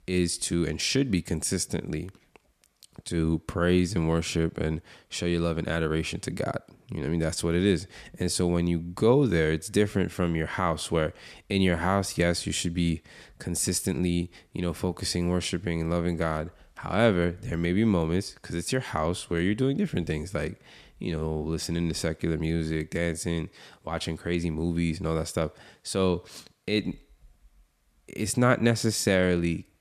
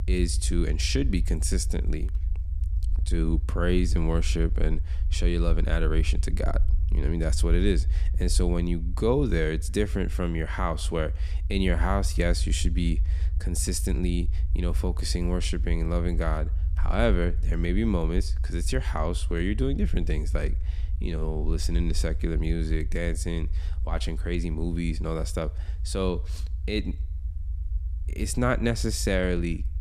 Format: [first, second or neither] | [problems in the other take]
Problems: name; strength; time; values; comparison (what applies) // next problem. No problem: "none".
first | low rumble; noticeable; throughout; 20 dB below the speech